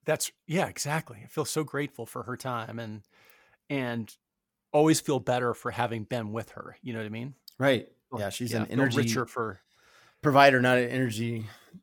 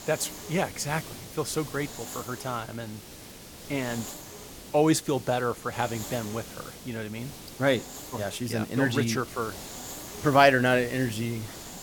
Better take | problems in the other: first | hiss; noticeable; throughout; 15 dB below the speech

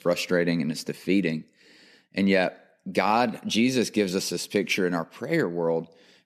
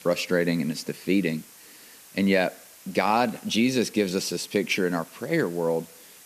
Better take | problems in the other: first | hiss; faint; throughout; 20 dB below the speech

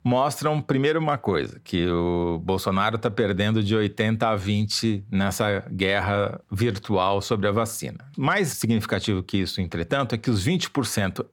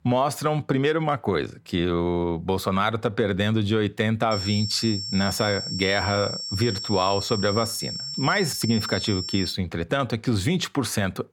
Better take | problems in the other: first | high-pitched whine; loud; from 4.5 to 9.5 s; 5.5 kHz, 5 dB below the speech

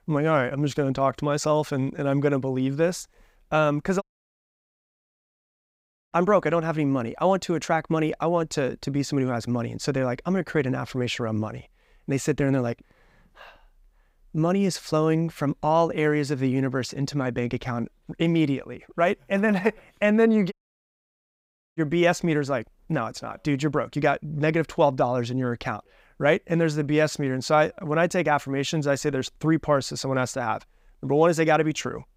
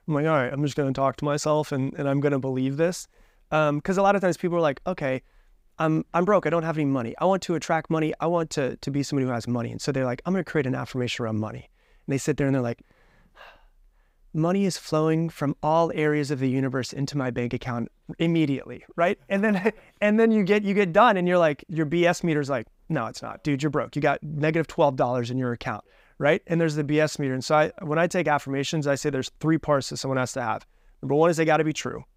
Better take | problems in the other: second | audio cutting out; at 4 s for 2 s and at 21 s for 1 s

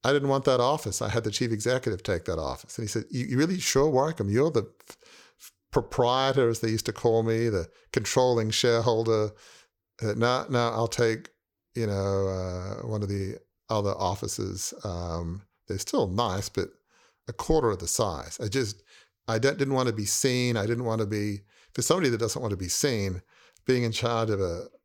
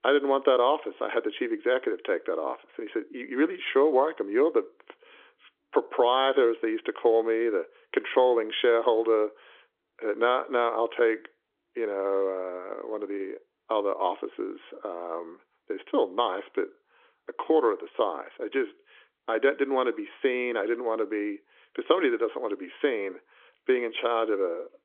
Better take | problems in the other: first | phone-call audio; nothing above 3.5 kHz

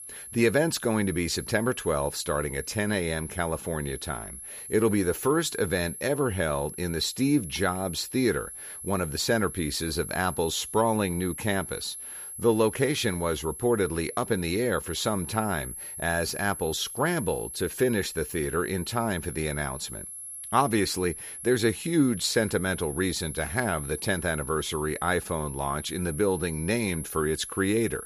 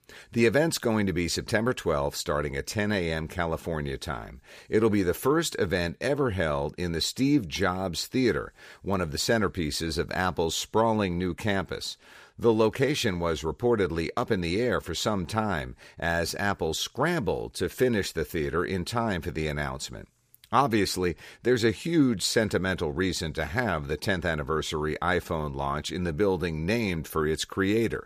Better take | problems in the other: second | high-pitched whine; loud; throughout; 11 kHz, 10 dB below the speech

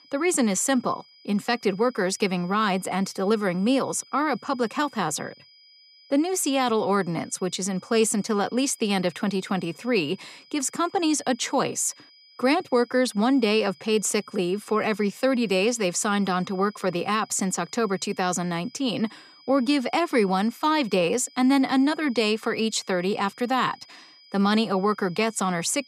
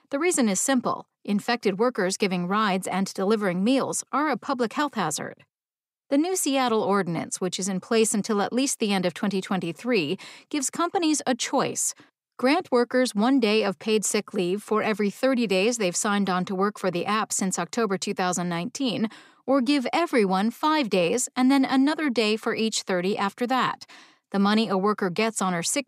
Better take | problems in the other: second | high-pitched whine; faint; throughout; 5 kHz, 25 dB below the speech

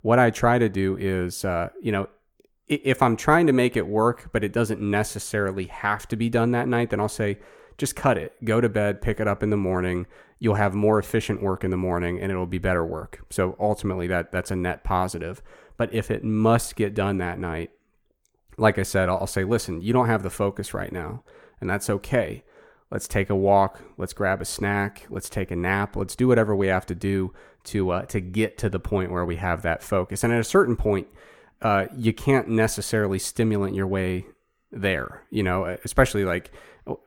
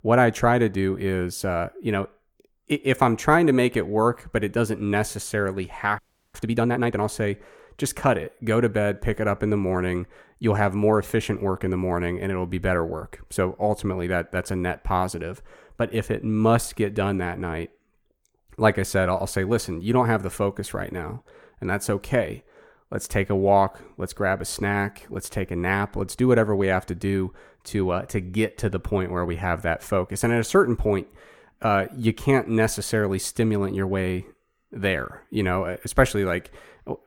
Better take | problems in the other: first | audio freezing; at 6 s

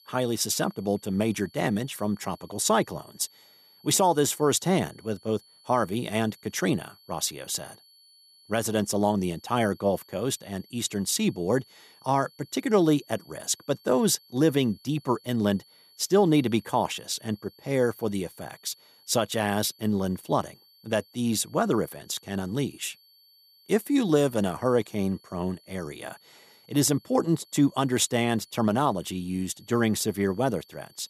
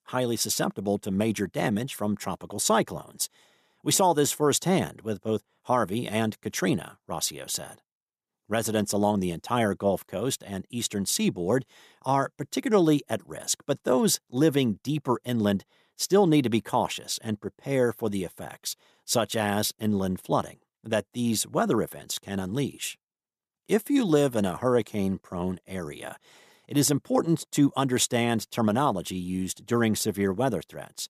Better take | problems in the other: second | high-pitched whine; faint; throughout; 4.5 kHz, 30 dB below the speech

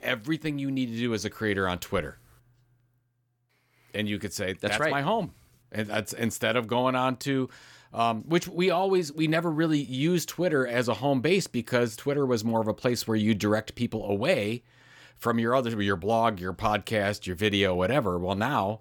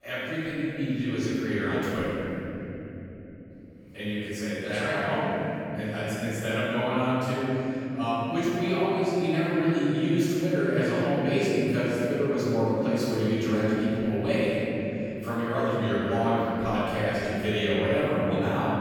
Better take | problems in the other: first | off-mic speech; far // room echo; strong; dies away in 3 s

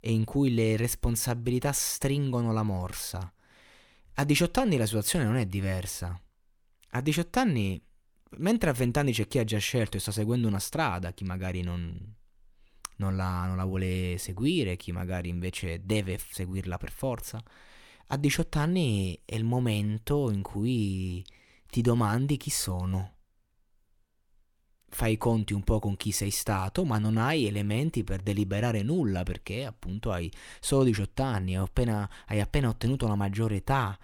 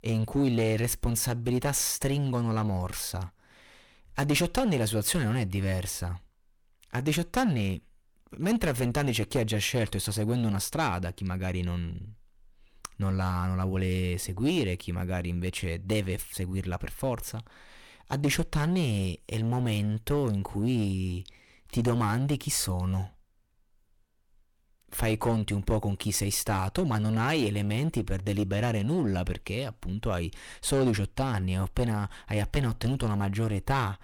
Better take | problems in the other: first | distortion; slight; 7% of the sound clipped

